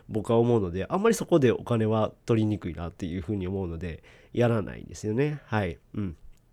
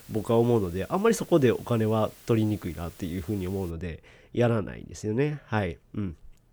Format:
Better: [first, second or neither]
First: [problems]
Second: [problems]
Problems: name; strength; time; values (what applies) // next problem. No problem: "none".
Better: first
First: none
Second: hiss; faint; until 3.5 s; 20 dB below the speech